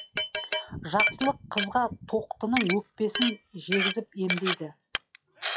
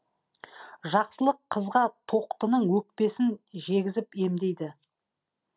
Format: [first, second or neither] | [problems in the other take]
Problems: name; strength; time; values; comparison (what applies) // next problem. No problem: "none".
second | noise reduction (classical method log-MMSE)